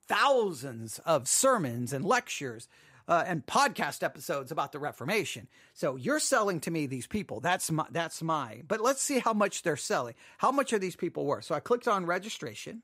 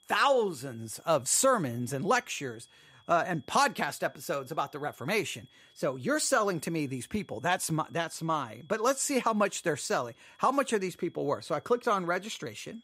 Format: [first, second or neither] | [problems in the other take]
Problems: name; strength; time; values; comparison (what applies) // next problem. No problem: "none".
first | high-pitched whine; faint; throughout; 3.5 kHz, 30 dB below the speech